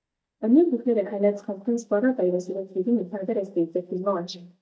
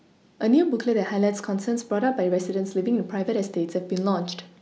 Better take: second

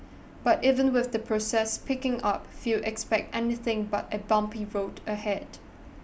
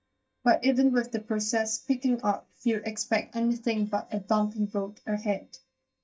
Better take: first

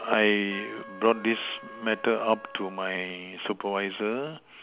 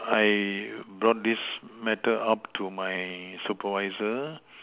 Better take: second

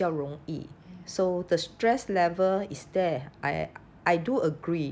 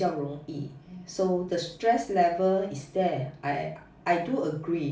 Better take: first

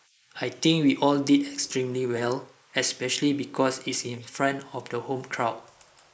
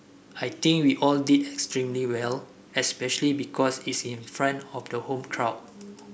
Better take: second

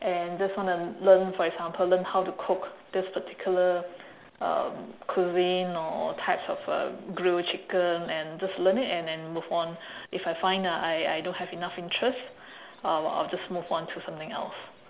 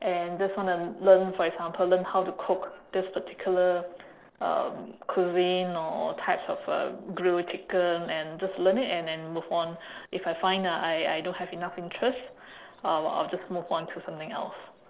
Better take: first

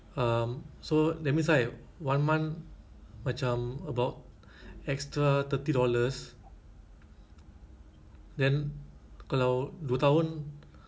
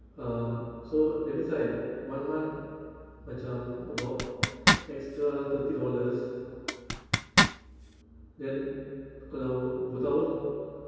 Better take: first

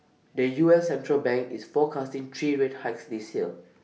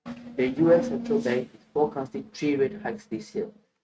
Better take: first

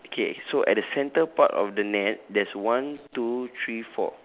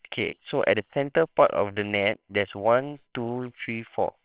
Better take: first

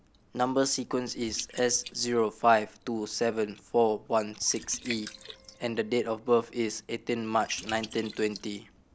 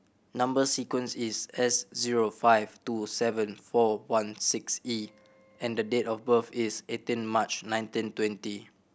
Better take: second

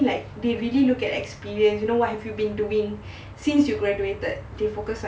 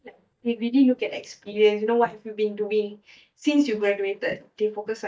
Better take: first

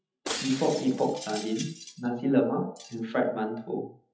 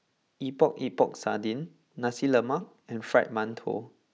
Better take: second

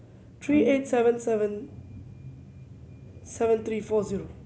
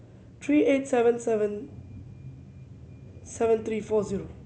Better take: second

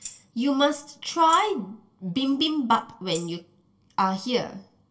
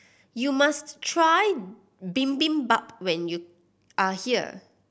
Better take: second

